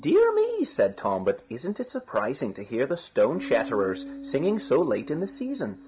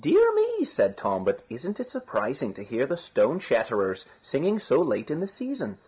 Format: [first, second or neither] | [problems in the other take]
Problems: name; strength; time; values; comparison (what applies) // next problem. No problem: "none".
second | background sound (Bass guitar); 16 dB below the speech